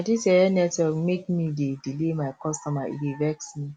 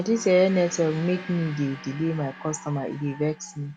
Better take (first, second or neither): first